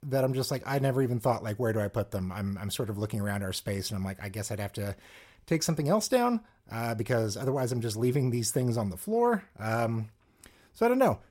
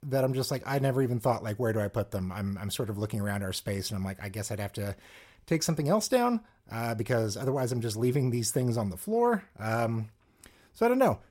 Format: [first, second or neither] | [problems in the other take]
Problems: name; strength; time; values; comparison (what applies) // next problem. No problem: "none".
neither | none